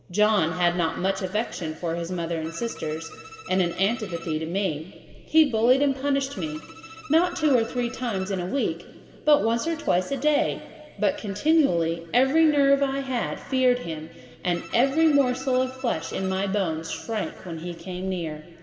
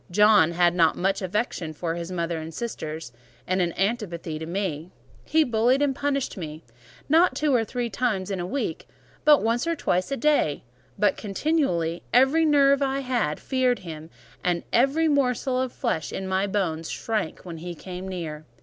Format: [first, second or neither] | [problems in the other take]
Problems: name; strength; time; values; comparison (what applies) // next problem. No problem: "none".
second | background sound (Bowed string instrument); 20 dB below the speech // room echo; dies away in 2.3 s